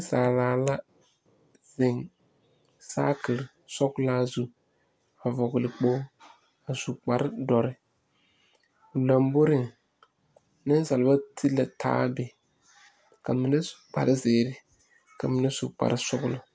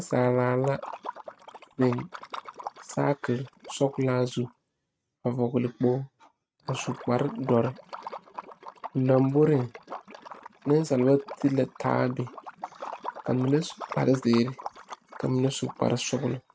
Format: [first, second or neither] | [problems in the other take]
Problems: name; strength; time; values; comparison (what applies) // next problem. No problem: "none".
first | noise reduction (neural mask model RNNoise)